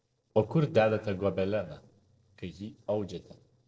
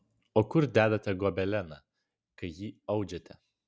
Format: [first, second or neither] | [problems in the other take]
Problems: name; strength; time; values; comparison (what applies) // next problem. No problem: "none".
second | noise reduction (neural separator model SepFormer DNS4)